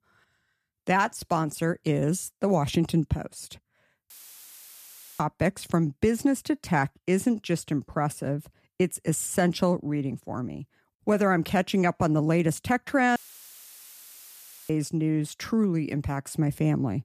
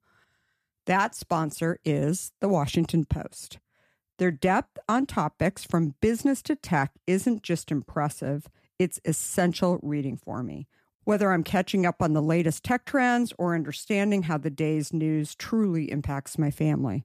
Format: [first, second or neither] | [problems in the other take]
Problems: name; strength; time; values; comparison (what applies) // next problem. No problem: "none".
second | audio cutting out; filled with static; at 4 s for 1 s and at 13 s for 1.5 s